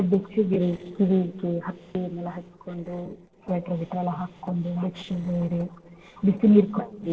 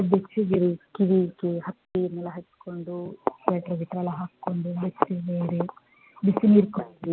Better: second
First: noise reduction (neural separator model SepFormer DNS4)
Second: none

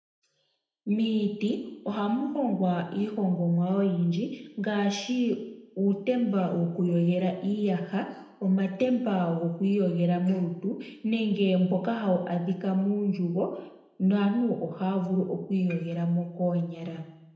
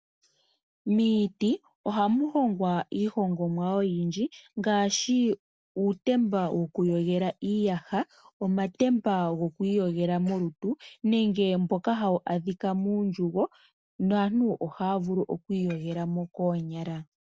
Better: second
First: room echo; dies away in 0.8 s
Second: none

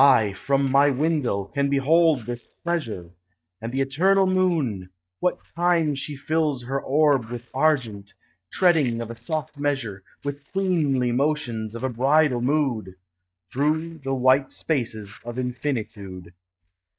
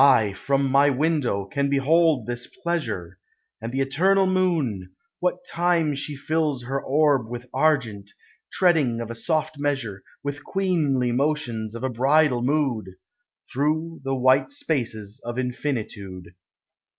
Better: second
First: noise reduction (neural mask model DeepFilterNet 3)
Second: none

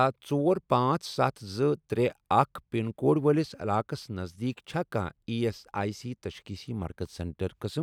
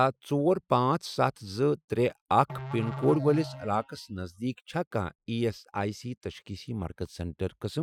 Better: first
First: none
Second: noise reduction (classical method Wiener filter)

